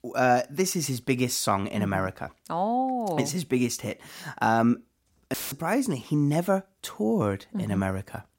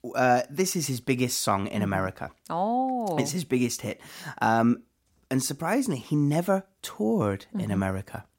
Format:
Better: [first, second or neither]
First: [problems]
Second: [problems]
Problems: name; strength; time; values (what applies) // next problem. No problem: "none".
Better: second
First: audio cutting out; filled with static; at 5.5 s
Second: none